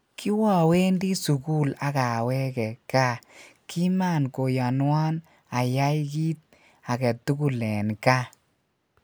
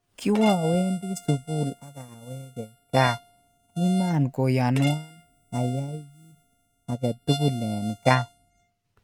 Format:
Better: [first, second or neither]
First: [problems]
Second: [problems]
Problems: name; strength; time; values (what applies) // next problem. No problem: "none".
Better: first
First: none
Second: noise reduction (neural mask model RNNoise)